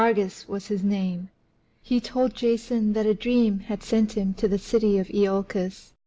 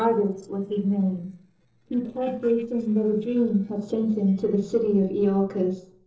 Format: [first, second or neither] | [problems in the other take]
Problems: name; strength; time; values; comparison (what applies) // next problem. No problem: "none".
first | noise reduction (neural separator model SepFormer DNS4)